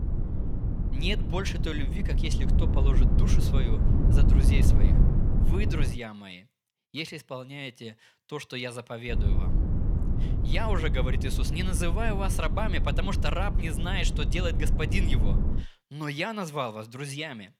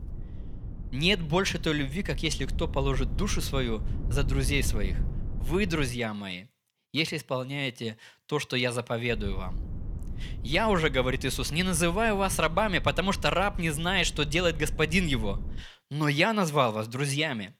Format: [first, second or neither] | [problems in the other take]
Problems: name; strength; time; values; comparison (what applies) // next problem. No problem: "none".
second | low rumble; loud; until 6 s and from 9 to 16 s; 6 dB below the speech; faint in the second